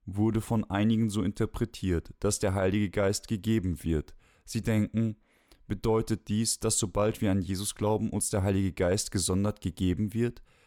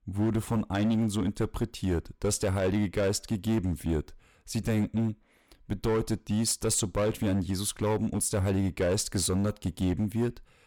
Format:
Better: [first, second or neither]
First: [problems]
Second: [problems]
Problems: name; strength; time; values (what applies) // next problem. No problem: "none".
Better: first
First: none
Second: distortion; slight; 10% of the sound clipped